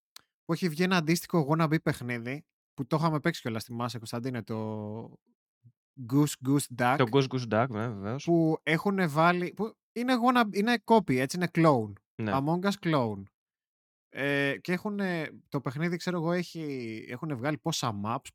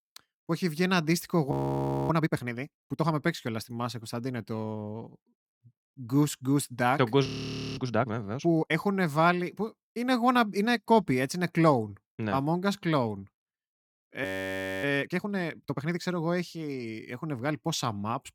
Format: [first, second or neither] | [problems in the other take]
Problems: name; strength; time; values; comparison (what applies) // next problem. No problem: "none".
first | audio freezing; at 1.5 s for 0.5 s, at 7.5 s for 0.5 s and at 14 s for 0.5 s